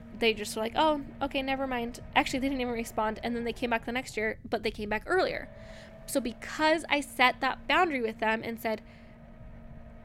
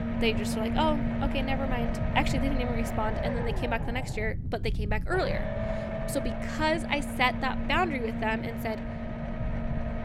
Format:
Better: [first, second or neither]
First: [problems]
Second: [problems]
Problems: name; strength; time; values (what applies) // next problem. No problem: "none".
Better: first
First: low rumble; faint; throughout; 25 dB below the speech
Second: low rumble; loud; throughout; 6 dB below the speech